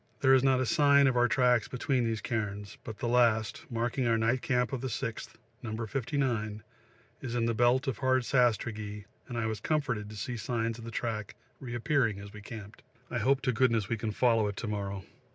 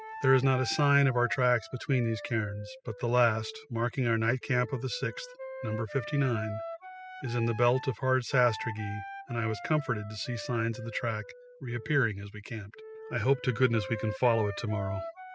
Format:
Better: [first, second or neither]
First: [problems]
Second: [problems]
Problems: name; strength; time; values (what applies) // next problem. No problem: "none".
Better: first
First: none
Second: noise reduction (classical method spectral subtraction)